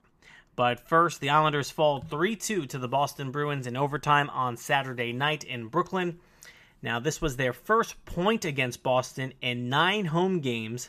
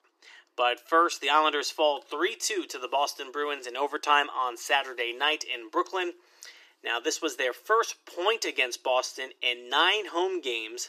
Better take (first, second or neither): first